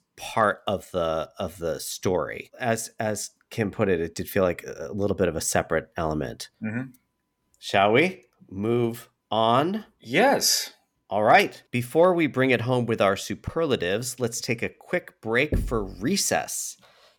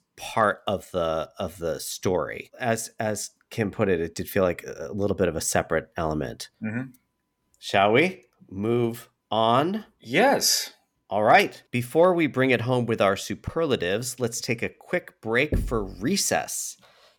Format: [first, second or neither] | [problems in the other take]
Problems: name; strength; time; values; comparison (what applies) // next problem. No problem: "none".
neither | door banging; noticeable; at 16 s; peak 5 dB below the speech; the same in both